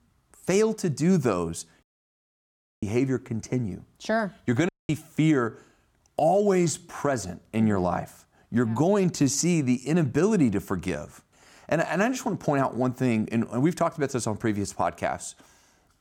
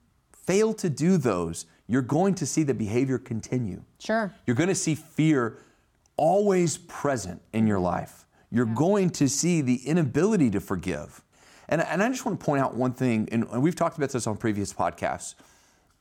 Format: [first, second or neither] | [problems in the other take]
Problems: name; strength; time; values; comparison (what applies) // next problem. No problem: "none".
second | audio cutting out; at 2 s for 1 s and at 4.5 s